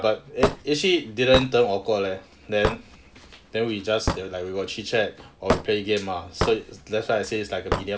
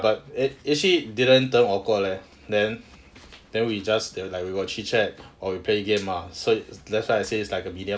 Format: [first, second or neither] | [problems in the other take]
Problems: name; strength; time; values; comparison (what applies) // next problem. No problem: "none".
second | background sound (Hammer / Wood); 6 dB below the speech